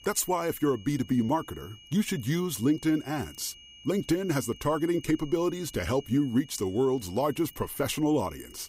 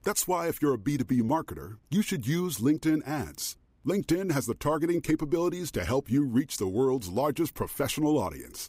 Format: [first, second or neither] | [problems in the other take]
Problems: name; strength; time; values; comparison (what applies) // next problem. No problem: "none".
second | high-pitched whine; faint; throughout; 3 kHz, 20 dB below the speech